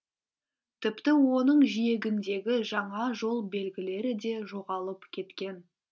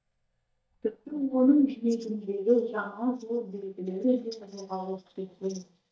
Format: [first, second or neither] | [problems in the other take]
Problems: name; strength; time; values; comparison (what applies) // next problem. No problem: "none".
first | noise reduction (neural mask model DeepFilterNet 3)